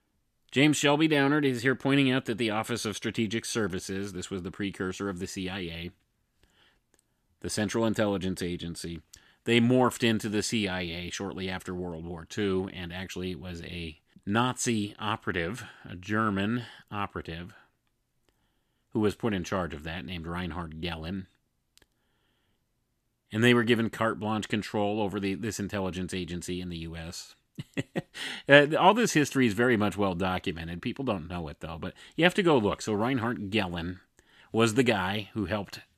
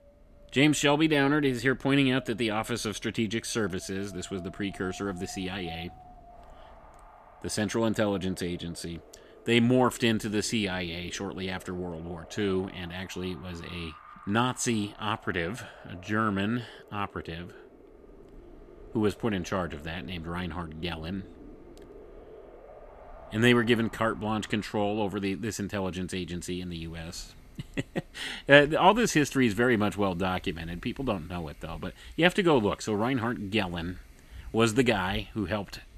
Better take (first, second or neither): first